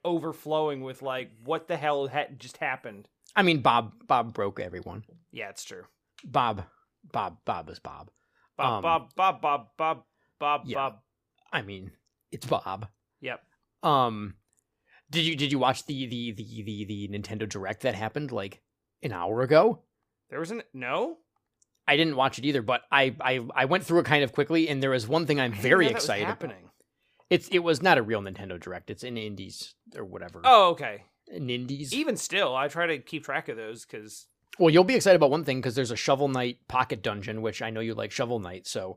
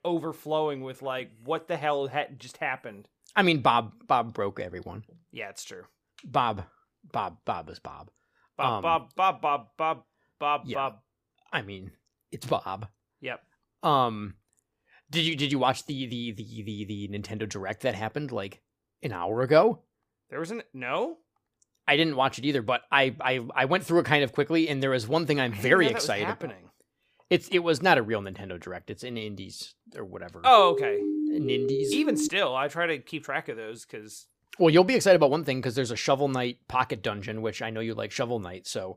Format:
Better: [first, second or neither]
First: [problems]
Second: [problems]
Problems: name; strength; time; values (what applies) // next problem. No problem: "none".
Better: first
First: none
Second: siren; noticeable; from 31 to 32 s; peak 1 dB below the speech